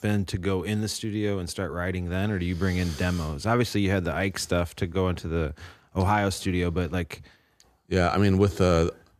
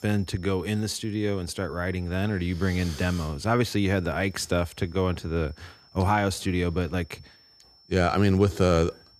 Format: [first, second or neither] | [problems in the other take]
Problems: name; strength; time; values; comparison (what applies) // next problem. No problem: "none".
first | high-pitched whine; faint; throughout; 5.5 kHz, 30 dB below the speech